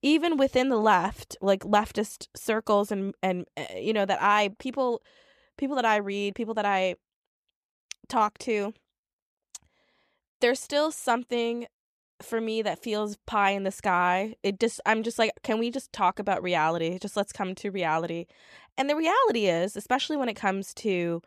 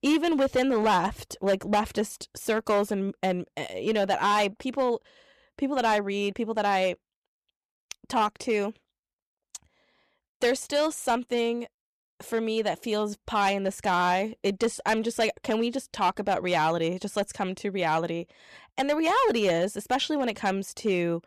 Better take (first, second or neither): first